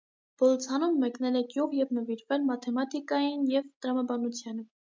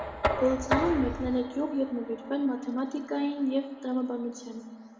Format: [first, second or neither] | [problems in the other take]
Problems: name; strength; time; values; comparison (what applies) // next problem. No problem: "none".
first | background sound (Knock); 6 dB below the speech // room echo; dies away in 1.7 s